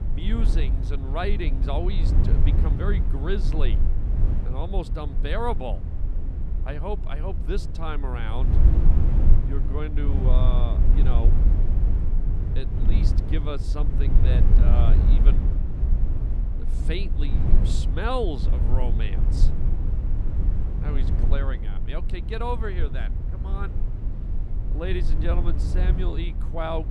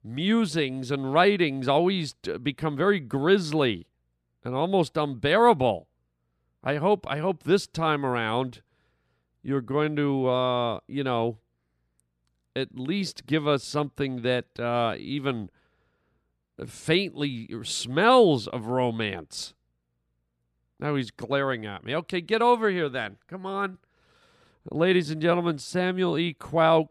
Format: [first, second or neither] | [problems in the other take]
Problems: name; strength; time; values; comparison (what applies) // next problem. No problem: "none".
second | low rumble; loud; throughout; 6 dB below the speech